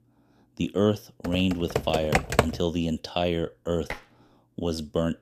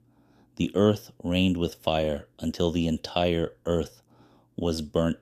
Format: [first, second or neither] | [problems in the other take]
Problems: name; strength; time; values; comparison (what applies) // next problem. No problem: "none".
second | keyboard typing; loud; from 1.5 to 2.5 s; peak 4 dB above the speech // clattering dishes; faint; at 4 s; peak 10 dB below the speech